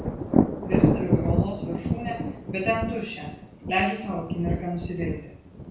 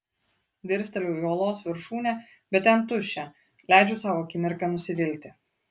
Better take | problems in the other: second | background sound (Thunder); 4 dB above the speech // room echo; dies away in 0.5 s

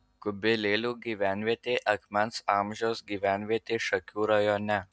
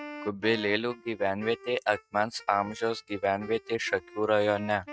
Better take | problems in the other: first | noise reduction (neural mask model RNNoise)

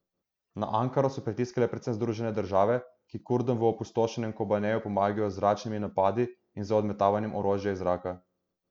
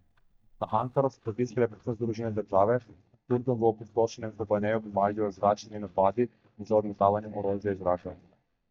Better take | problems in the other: first | noise reduction (neural mask model DeepFilterNet 3)

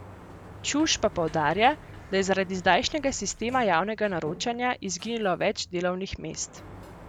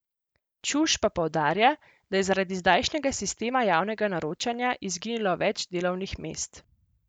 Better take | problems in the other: second | background sound (Sliding door); 18 dB below the speech

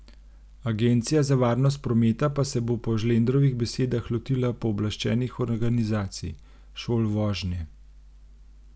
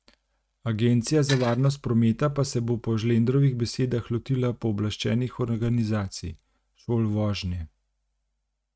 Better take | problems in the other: first | noise reduction (neural mask model RNNoise)

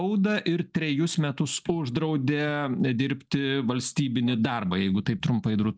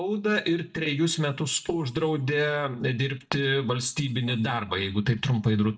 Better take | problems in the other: first | noise reduction (neural mask model DeepFilterNet 3)

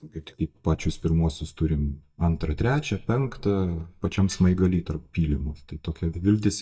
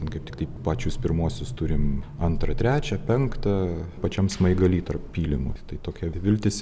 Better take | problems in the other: second | noise reduction (neural mask model DeepFilterNet 3)

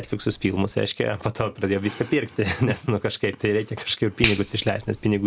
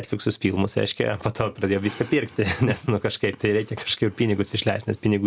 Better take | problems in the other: second | background sound (Finger snapping); 12 dB below the speech

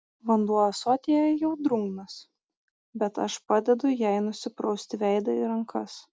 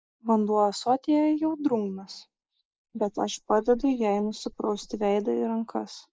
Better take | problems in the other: first | noise reduction (neural mask model Resemble Enhance denoiser)

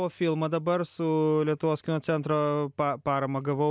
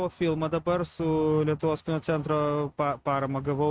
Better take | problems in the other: first | noise reduction (neural mask model RNNoise)

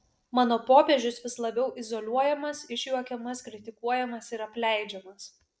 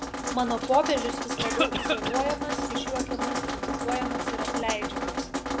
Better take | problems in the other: first | background sound (Drip + Cough); 1 dB above the speech

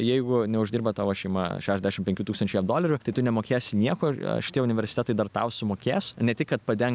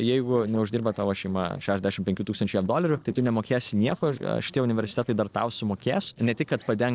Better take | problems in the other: first | noise reduction (neural separator model SepFormer DNS4)

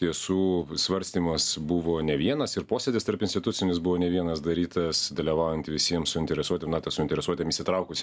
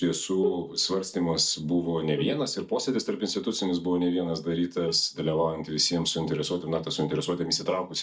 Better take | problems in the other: first | noise reduction (neural mask model DeepFilterNet 3)

